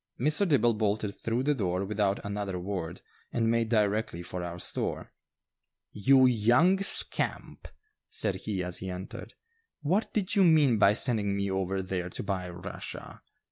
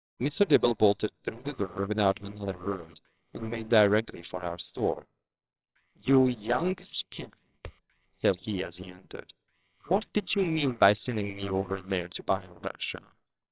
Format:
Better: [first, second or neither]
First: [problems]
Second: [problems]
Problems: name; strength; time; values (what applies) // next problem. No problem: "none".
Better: first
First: none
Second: noise reduction (neural separator model SepFormer WHAMR!)